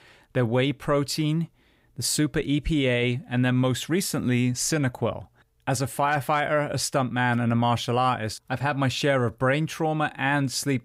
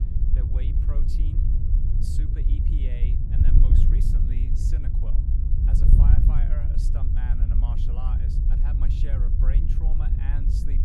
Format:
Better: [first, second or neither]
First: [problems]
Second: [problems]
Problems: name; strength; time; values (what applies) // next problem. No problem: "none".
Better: first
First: none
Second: wind noise on the microphone; heavy; 4 dB above the speech